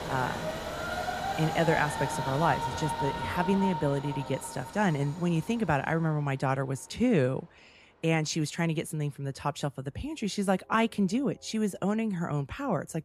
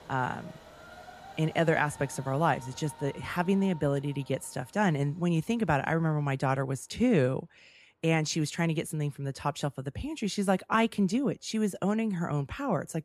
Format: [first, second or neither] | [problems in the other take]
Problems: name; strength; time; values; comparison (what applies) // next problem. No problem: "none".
second | train or aircraft noise; loud; throughout; 5 dB below the speech; faint in the second